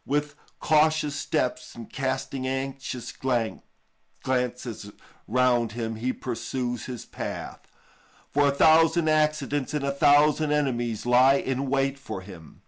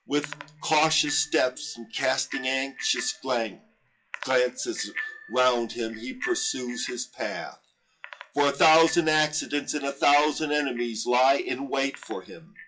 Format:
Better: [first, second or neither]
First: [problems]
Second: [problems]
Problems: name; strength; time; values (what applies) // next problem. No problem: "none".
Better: first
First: none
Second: noise reduction (classical method WPE with log-MMSE)